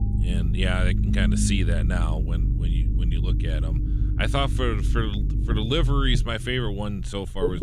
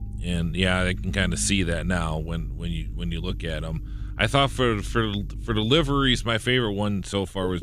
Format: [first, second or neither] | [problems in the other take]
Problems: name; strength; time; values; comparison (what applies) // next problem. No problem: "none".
second | low rumble; loud; throughout; 9 dB below the speech; faint in the second